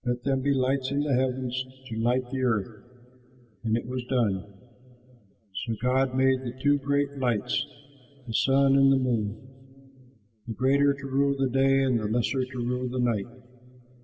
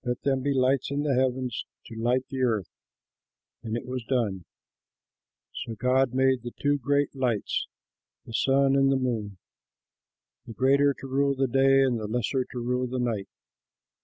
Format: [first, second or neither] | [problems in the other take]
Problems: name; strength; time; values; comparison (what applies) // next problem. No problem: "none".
second | room echo; dies away in 1.7 s